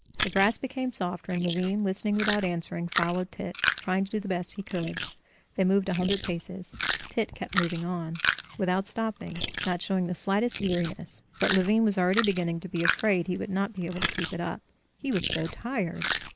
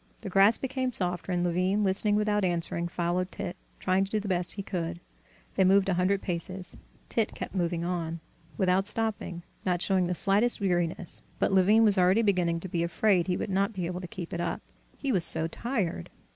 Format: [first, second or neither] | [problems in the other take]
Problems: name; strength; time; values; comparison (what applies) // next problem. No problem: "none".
second | noise reduction (neural mask model Resemble Enhance denoiser)